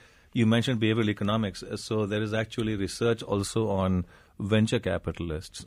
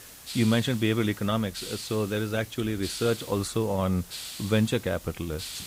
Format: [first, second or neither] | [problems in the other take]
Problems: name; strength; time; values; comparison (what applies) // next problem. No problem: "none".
first | hiss; noticeable; throughout; 10 dB below the speech